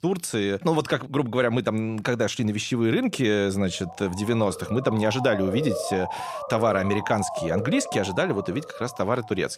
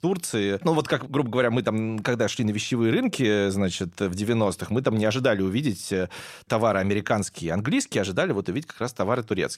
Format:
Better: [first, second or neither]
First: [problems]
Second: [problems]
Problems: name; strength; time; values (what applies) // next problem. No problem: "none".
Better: second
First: siren; noticeable; from 3.5 s on; peak 4 dB below the speech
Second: none